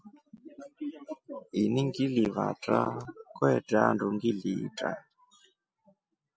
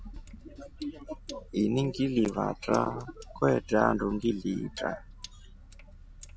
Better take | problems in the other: first | background sound (Sink (filling or washing)); 16 dB below the speech

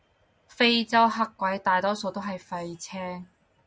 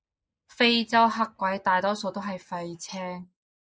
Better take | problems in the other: first | noise reduction (neural mask model Resemble Enhance denoiser)

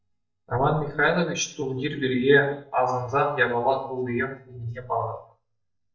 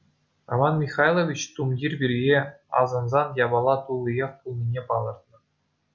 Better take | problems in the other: second | noise reduction (neural mask model DeepFilterNet 3)

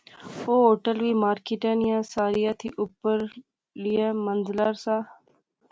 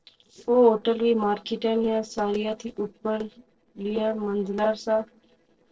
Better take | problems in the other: first | noise reduction (neural separator model SepFormer DNS4)

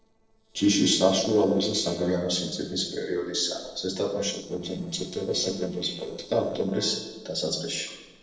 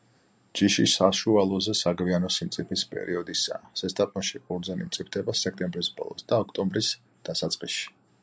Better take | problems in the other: second | noise reduction (neural separator model SepFormer DNS4)

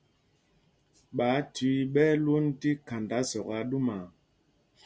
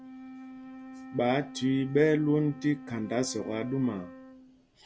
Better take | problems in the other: first | background sound (Wind instrument, woodwind instrument); 15 dB below the speech

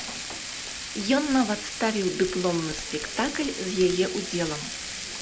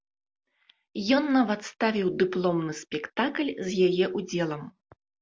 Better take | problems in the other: second | background sound (Frying (food)); 7 dB below the speech

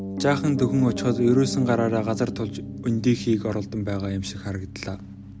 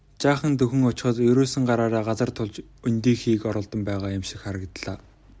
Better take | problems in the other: second | background sound (Piano); 7 dB below the speech

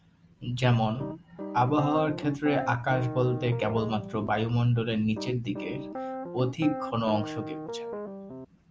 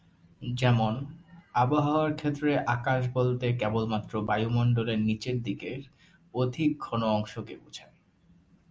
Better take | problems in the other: second | background sound (Piano); 8 dB below the speech

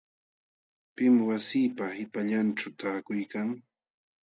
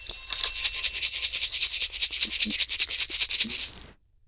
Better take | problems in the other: first | noise reduction (neural diffusion model UNIVERSE++)

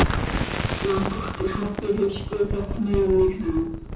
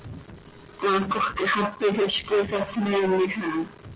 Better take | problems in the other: second | background sound (Explosion); 2 dB below the speech // room echo; dies away in 0.6 s

